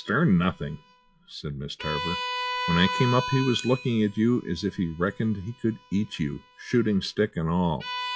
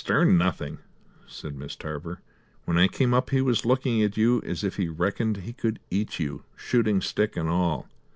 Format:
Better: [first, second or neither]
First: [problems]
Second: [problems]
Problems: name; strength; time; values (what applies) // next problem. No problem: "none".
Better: second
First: noise reduction (classical method log-MMSE)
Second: none